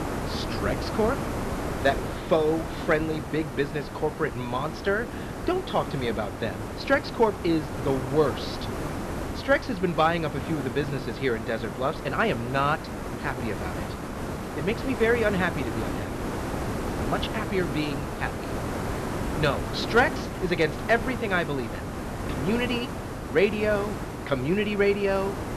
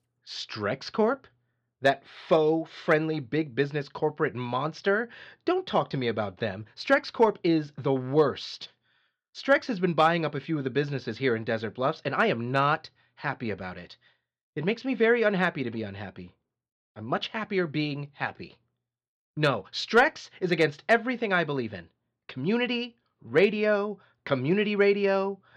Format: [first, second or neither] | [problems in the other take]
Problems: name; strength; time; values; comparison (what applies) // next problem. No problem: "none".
second | hiss; loud; throughout; 6 dB below the speech